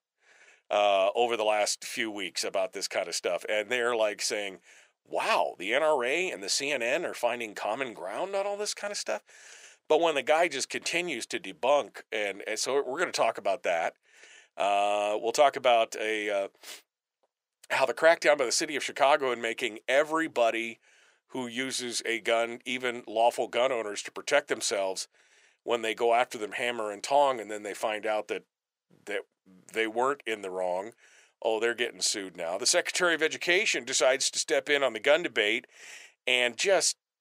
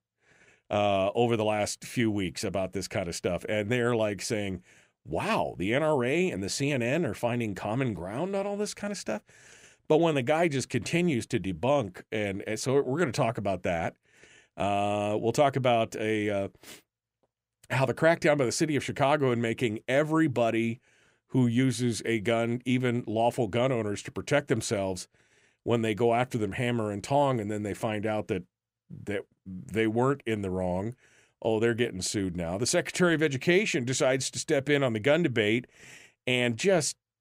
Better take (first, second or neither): second